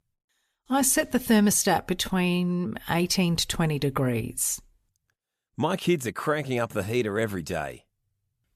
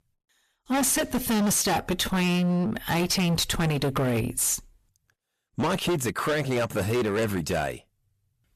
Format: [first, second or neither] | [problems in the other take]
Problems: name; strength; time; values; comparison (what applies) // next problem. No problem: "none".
first | distortion; heavy; 21% of the sound clipped